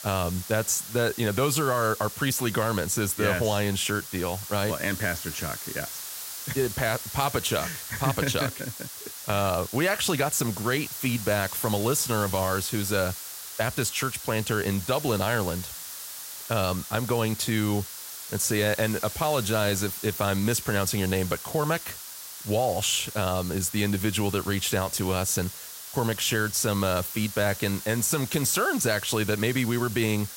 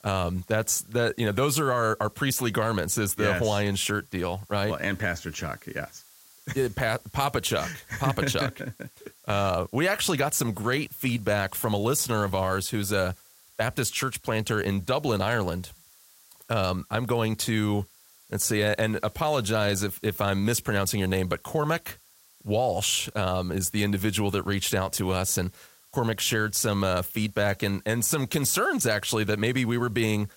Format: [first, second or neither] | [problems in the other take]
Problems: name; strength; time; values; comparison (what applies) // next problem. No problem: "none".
second | hiss; loud; throughout; 9 dB below the speech; faint in the second